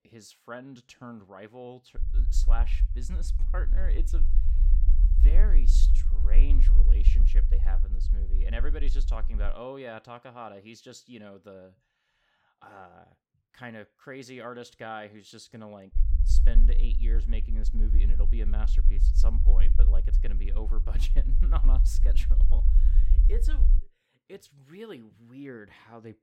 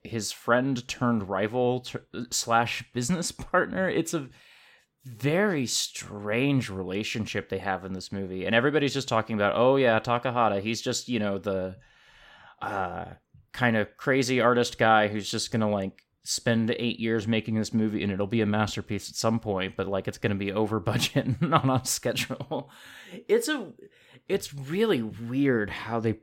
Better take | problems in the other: second | low rumble; loud; from 2 to 9.5 s and from 16 to 24 s; 7 dB below the speech

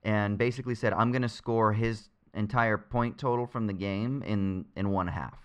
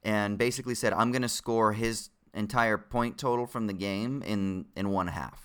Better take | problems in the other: second | muffled; slightly; fading above 3 kHz

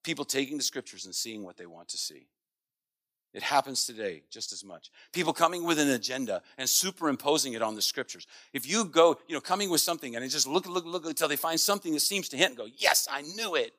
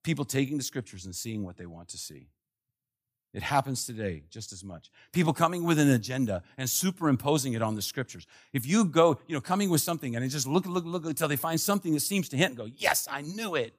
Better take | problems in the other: second | thin; somewhat; fading below 400 Hz

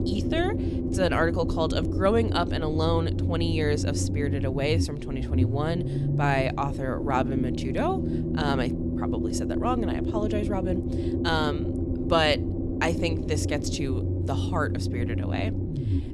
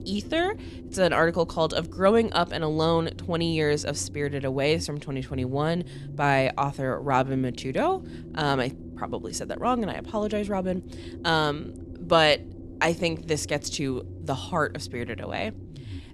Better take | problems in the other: second | low rumble; loud; throughout; 6 dB below the speech; faint in the second

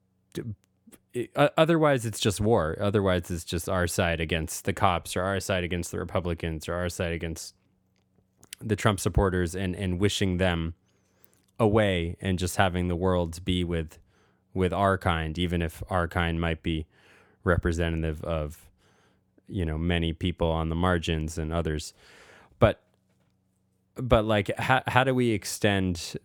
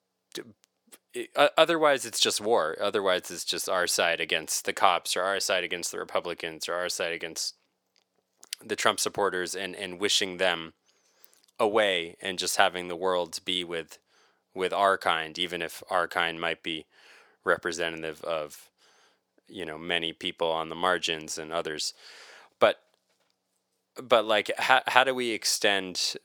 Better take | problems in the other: first | thin; very; fading below 500 Hz

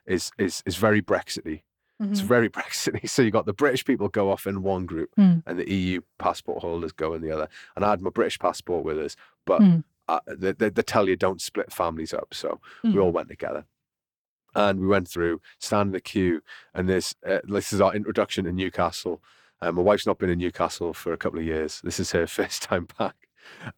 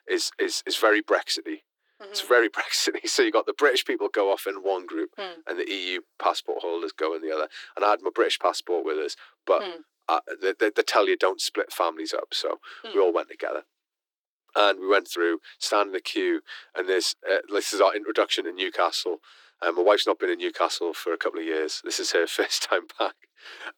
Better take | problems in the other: first | thin; very; fading below 300 Hz

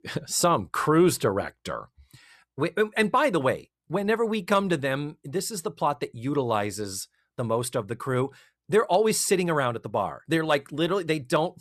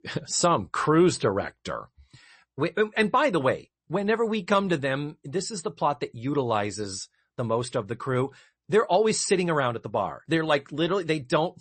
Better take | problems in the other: first | garbled, watery; slightly; nothing above 8 kHz

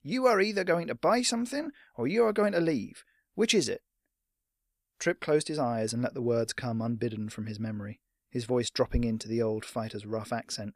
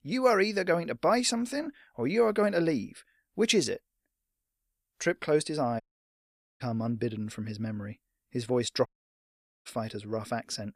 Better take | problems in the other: first | audio cutting out; at 6 s for 1 s and at 9 s for 1 s

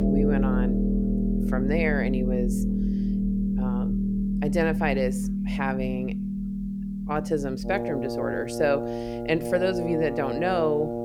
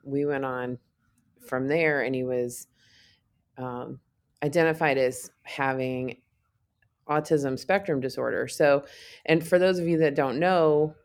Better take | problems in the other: second | background music; very loud; throughout; 1 dB above the speech

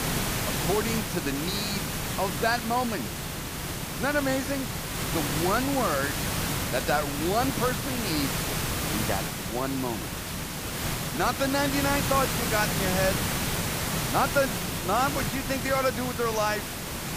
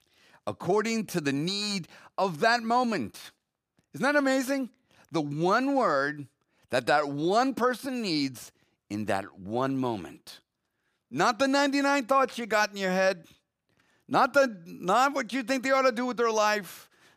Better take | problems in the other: second | hiss; loud; throughout; 1 dB below the speech

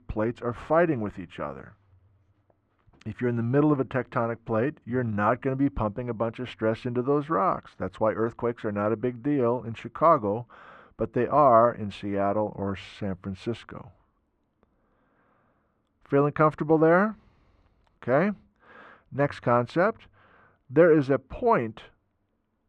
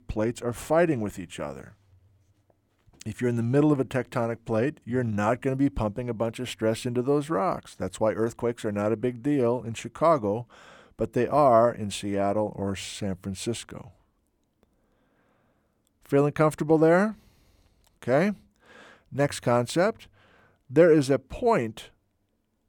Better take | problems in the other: second | muffled; very; fading above 2.5 kHz

